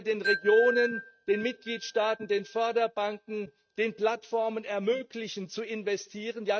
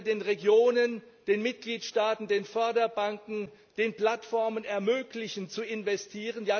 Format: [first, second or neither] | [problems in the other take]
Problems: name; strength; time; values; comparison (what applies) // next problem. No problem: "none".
second | noise reduction (neural mask model RNNoise)